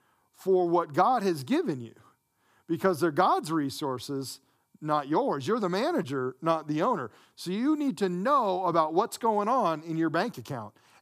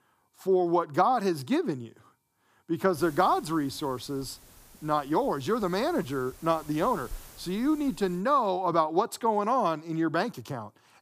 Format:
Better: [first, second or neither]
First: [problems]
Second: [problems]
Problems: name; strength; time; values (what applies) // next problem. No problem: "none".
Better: first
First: none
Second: hiss; faint; from 3 to 8 s; 20 dB below the speech